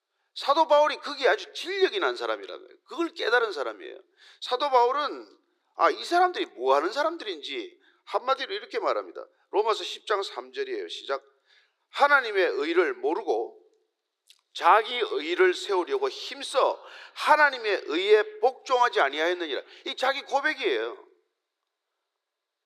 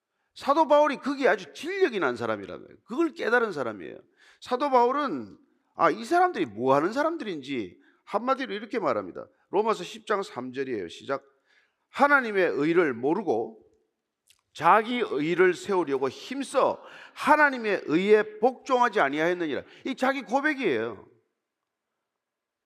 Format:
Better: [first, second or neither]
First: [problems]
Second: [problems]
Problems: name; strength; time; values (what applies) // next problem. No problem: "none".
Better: second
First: thin; very; fading below 350 Hz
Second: none